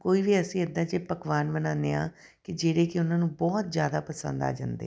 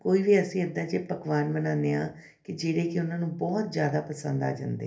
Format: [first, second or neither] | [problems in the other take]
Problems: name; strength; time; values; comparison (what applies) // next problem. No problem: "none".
first | room echo; dies away in 0.3 s